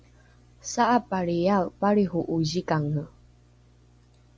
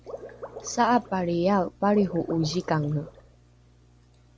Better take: first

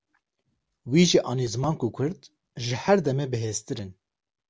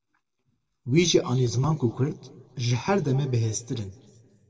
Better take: first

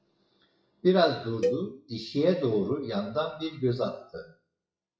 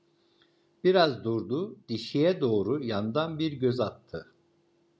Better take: second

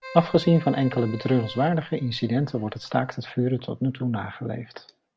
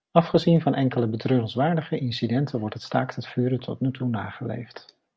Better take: second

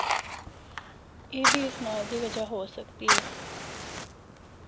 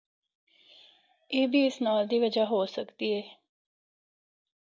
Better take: second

